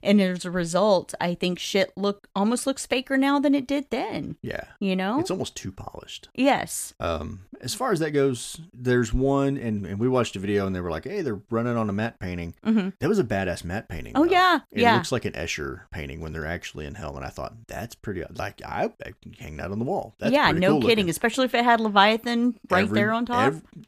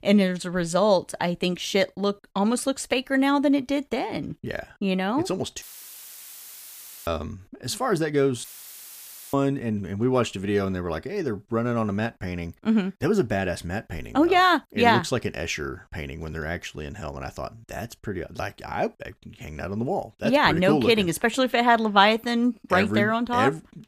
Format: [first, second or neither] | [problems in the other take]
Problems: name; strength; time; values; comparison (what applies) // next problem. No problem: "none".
first | audio cutting out; filled with static; at 5.5 s for 1.5 s and at 8.5 s for 1 s